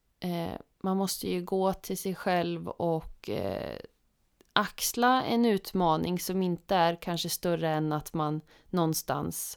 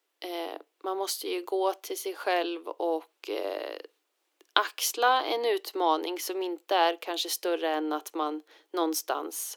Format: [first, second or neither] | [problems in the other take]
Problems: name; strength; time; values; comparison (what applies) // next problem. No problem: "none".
first | thin; very; fading below 300 Hz